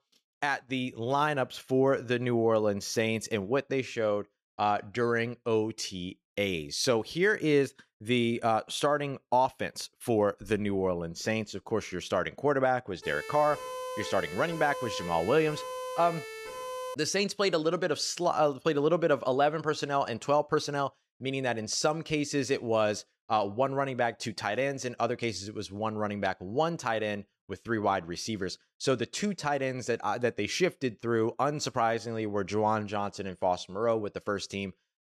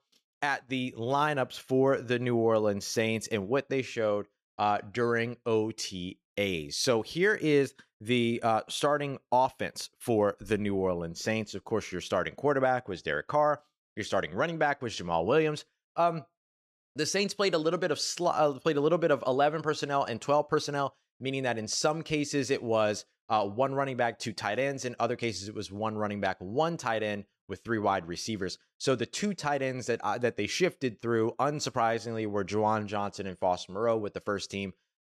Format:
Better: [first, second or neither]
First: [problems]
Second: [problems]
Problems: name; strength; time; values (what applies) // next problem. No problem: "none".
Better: second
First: siren; noticeable; from 13 to 17 s; peak 7 dB below the speech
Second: none